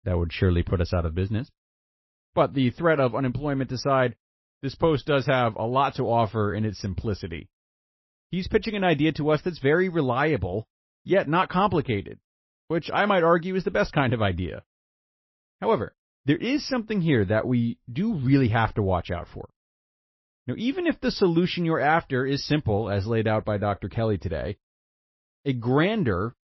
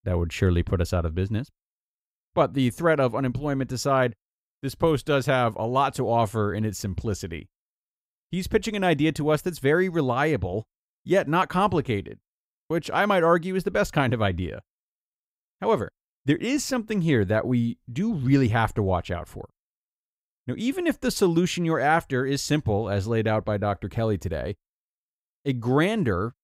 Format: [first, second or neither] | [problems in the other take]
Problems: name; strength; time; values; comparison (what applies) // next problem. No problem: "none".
second | garbled, watery; slightly; nothing above 5.5 kHz